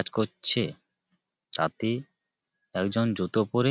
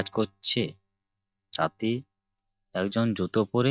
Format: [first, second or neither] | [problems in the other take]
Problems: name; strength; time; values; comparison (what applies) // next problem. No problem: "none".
first | noise reduction (neural mask model DeepFilterNet 3)